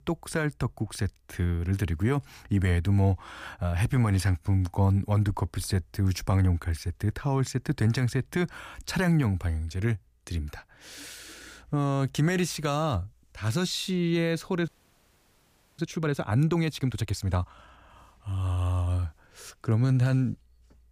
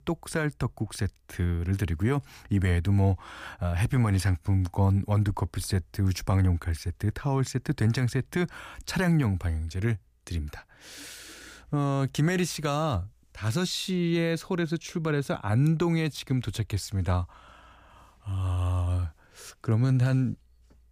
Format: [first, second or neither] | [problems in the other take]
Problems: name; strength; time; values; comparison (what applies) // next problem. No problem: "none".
second | audio freezing; at 15 s for 1 s